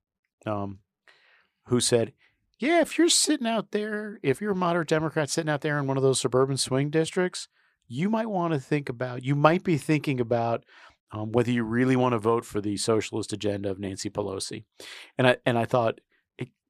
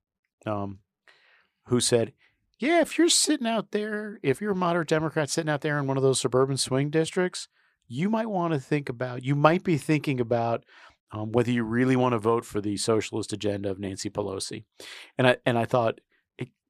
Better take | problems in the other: neither | none

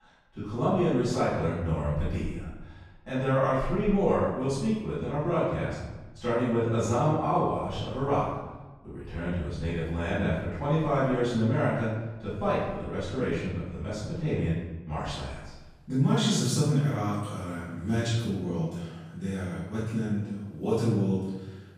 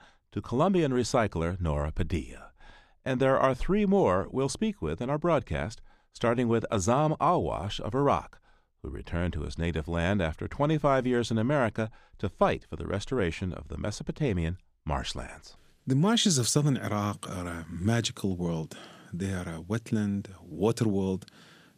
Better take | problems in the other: second | room echo; strong; dies away in 1 s // off-mic speech; far

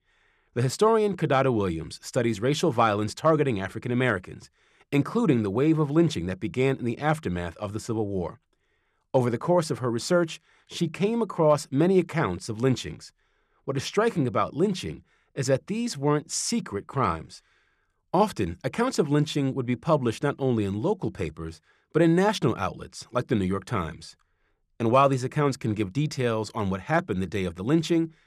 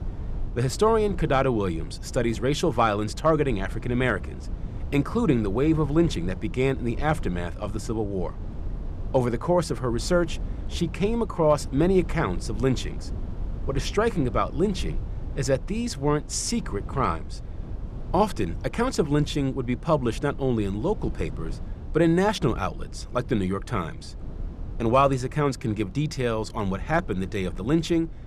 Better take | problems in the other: first | low rumble; faint; throughout; 20 dB below the speech

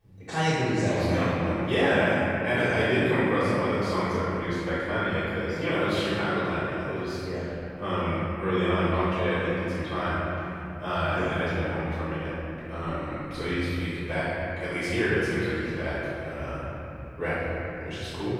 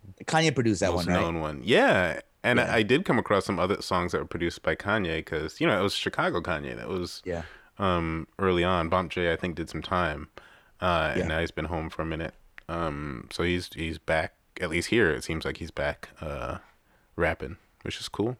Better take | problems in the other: second | room echo; strong; dies away in 3 s // off-mic speech; far

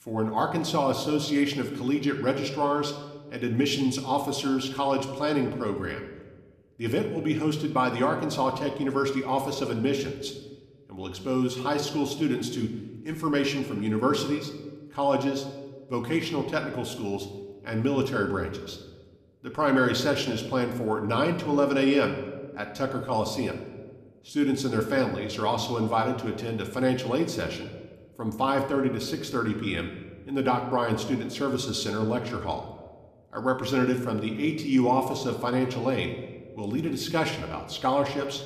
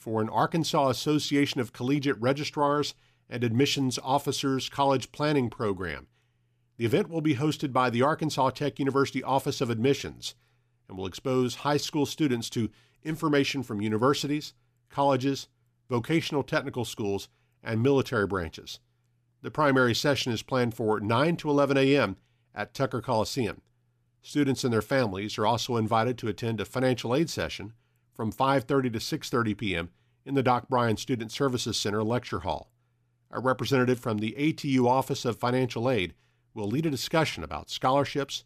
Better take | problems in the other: second | room echo; slight; dies away in 0.9 s

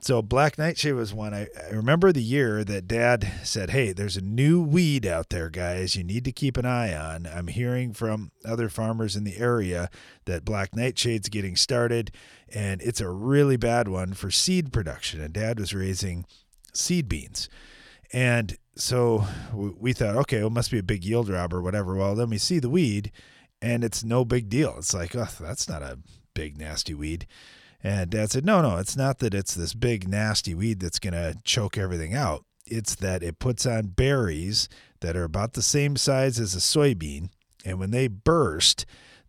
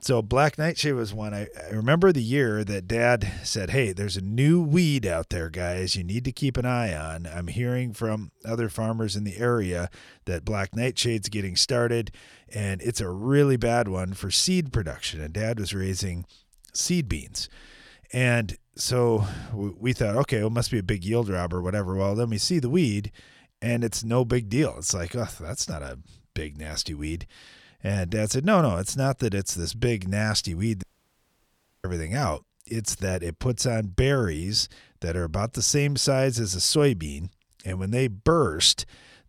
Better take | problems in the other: first | audio cutting out; at 31 s for 1 s

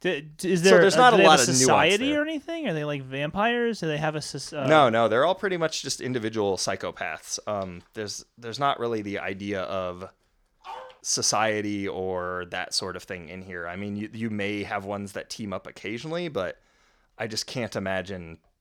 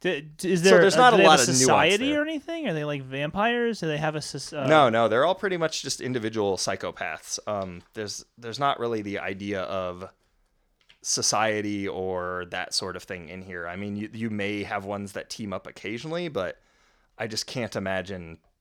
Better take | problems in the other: second | dog barking; faint; at 11 s; peak 15 dB below the speech

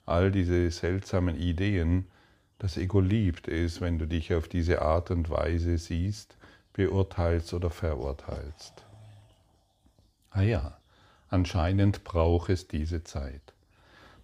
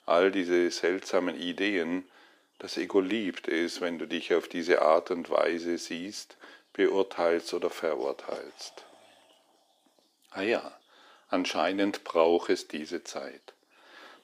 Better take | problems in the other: first | thin; somewhat; fading below 300 Hz

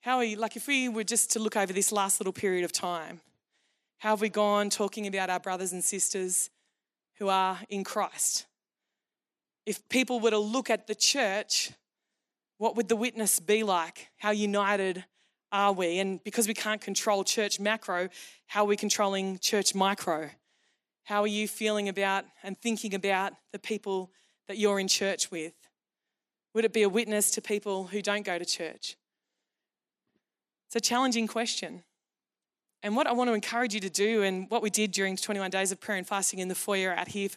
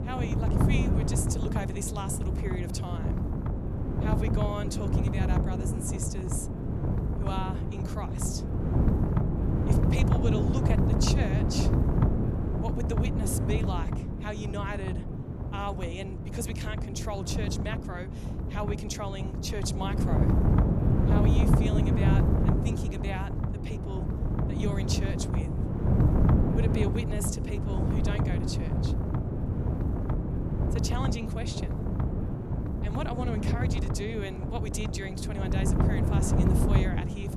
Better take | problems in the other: first | wind noise on the microphone; heavy; 1 dB above the speech

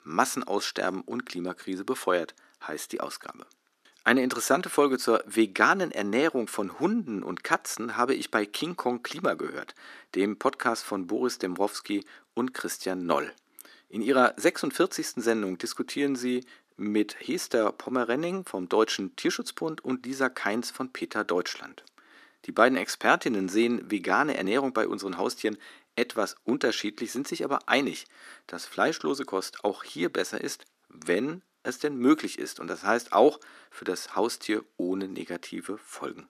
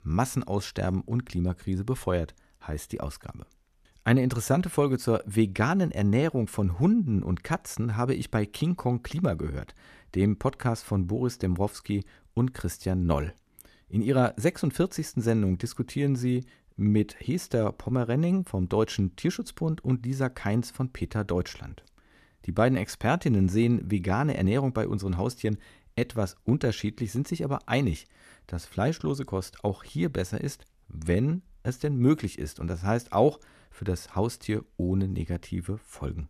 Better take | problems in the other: second | thin; somewhat; fading below 300 Hz

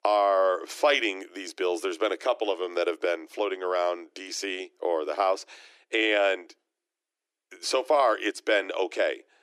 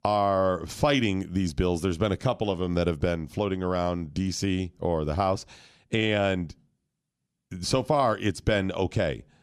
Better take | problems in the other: second | thin; very; fading below 300 Hz

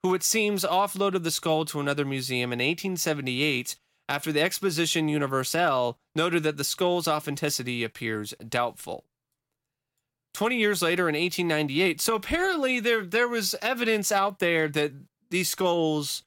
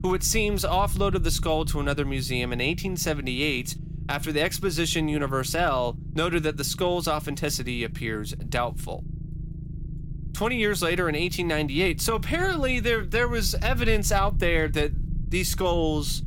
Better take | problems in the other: first | low rumble; faint; throughout; 20 dB below the speech

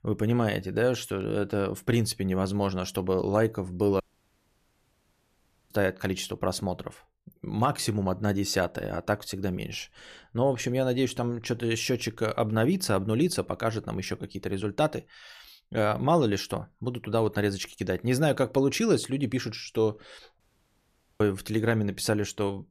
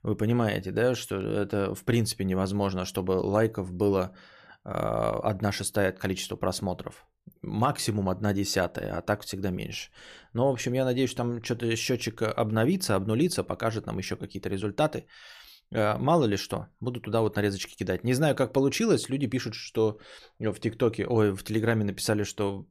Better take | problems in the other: second | audio cutting out; at 4 s for 1.5 s and at 20 s for 1 s

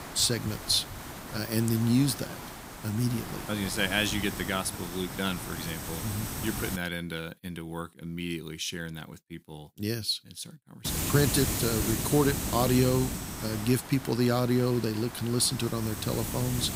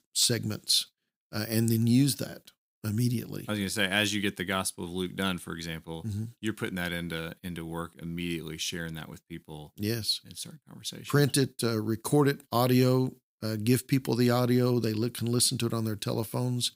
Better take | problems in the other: second | hiss; loud; until 7 s and from 11 s on; 6 dB below the speech

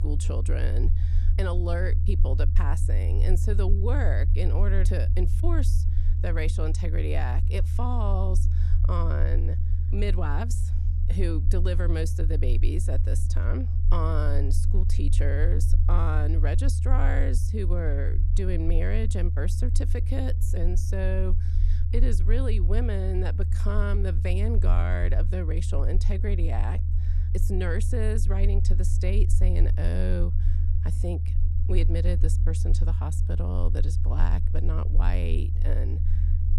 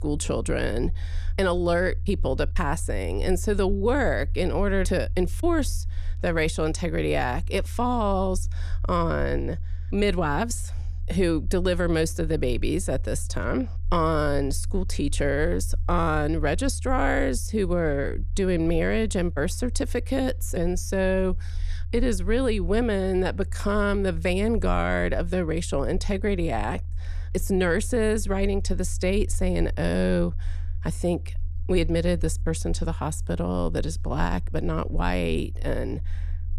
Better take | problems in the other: second | low rumble; loud; throughout; 8 dB below the speech; faint in the second

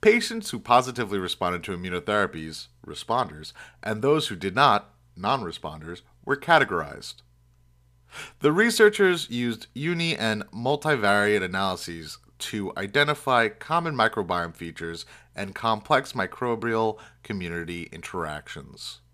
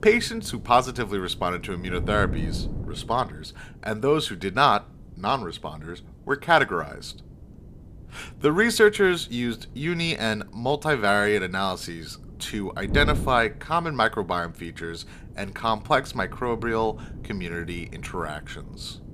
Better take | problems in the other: first | wind noise on the microphone; occasional gusts; 25 dB below the speech

